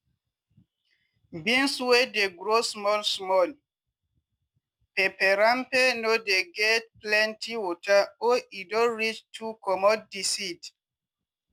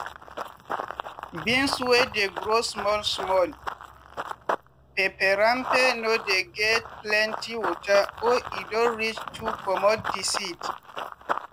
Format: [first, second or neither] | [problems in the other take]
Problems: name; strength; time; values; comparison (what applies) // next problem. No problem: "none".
first | background sound (Run); 7 dB below the speech